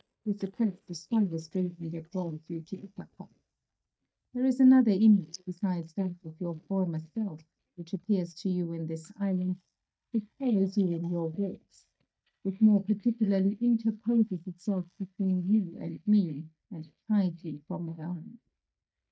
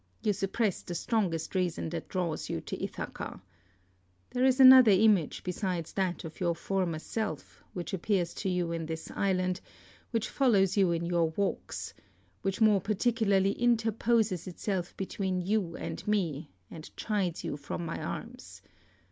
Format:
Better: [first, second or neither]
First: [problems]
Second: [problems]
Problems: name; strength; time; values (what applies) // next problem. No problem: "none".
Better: second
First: noise reduction (neural mask model DeepFilterNet 3)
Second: none